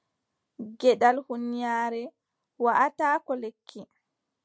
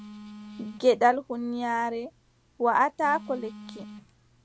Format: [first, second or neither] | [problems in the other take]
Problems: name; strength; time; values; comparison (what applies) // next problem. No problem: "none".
first | background sound (Telephone); 19 dB below the speech